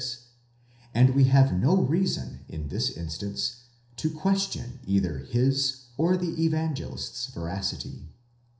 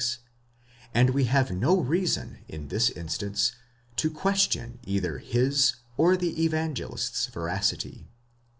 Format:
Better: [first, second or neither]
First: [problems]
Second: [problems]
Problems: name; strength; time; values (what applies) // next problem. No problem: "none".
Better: second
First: room echo; dies away in 0.5 s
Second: none